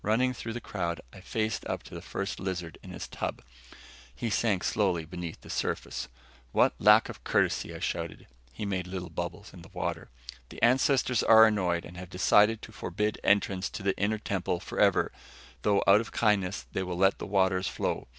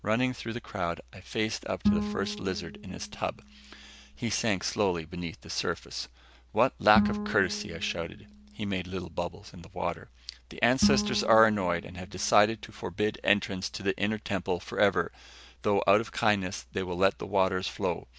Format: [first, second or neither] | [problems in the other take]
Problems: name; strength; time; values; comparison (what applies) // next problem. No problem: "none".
first | background sound (Bowed string instrument); 6 dB below the speech